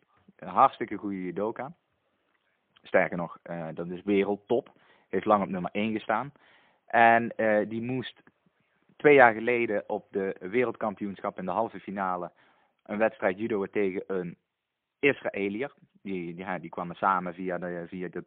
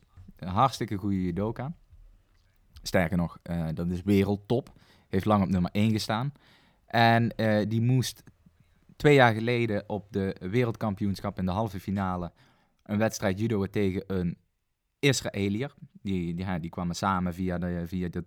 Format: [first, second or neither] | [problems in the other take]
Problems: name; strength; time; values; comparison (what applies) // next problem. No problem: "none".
second | phone-call audio; poor line; nothing above 3.5 kHz